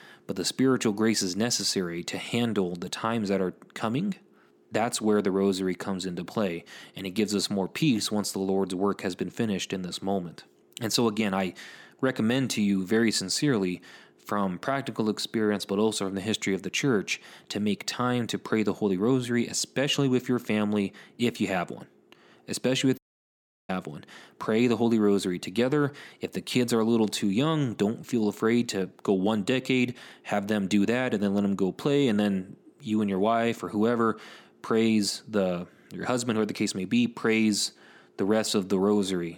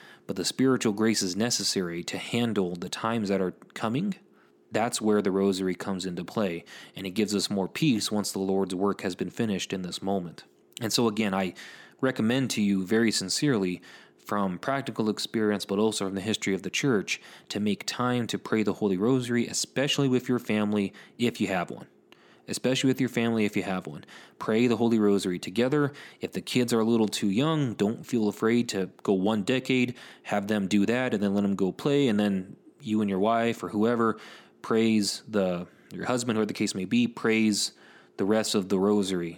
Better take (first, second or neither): second